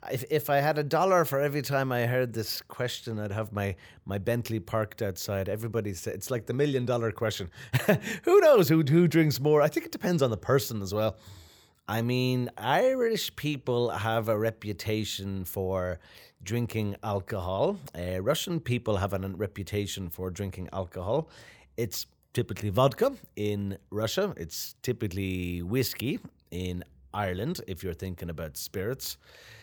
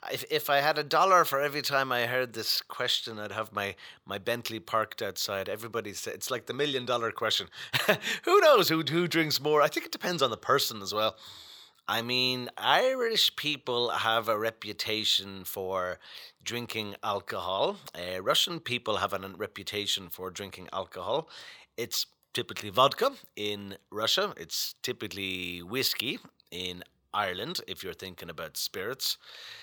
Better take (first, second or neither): first